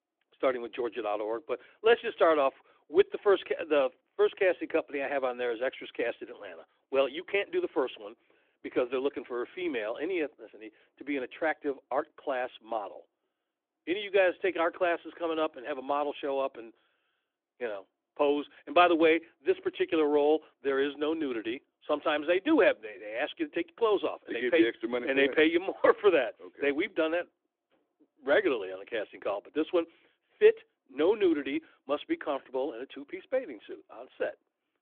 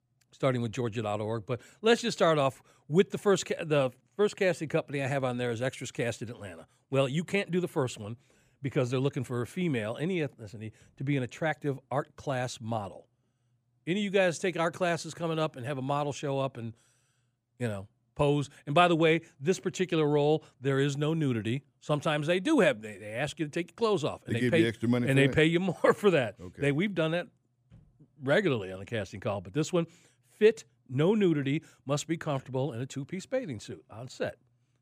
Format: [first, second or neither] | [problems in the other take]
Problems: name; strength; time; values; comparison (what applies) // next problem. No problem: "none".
second | phone-call audio; nothing above 3.5 kHz